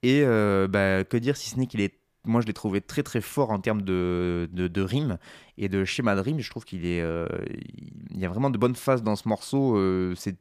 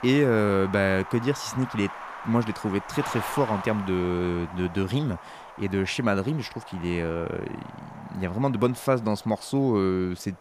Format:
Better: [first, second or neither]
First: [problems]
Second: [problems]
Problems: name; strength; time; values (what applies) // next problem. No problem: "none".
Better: first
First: none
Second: wind noise on the microphone; heavy; 9 dB below the speech